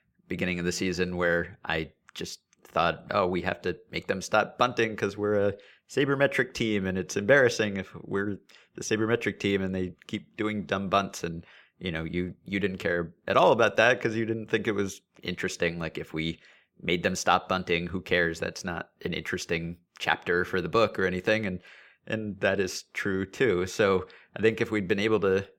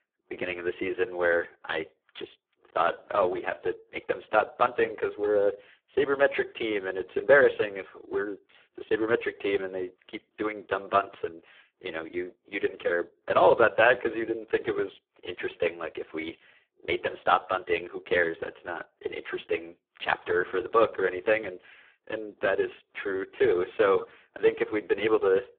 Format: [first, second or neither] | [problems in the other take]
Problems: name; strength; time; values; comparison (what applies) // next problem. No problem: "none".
first | phone-call audio; poor line